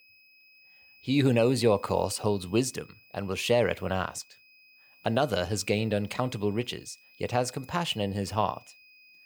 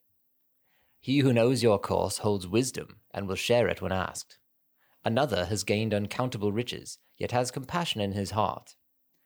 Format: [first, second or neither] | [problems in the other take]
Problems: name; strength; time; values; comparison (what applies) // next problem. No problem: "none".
second | high-pitched whine; faint; throughout; 2.5 kHz, 25 dB below the speech